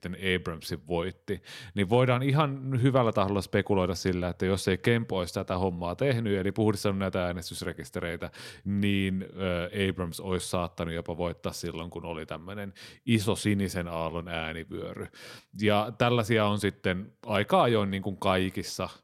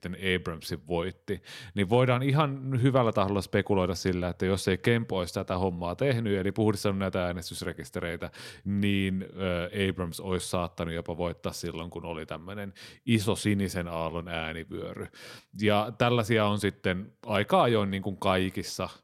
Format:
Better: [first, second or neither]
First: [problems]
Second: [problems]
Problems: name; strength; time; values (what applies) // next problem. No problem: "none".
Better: neither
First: none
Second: none